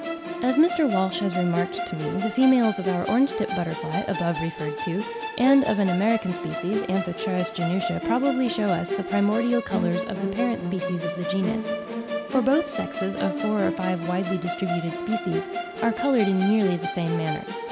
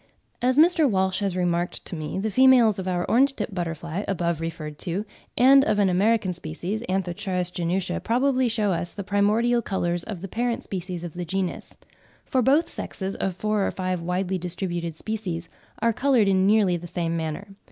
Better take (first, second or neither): second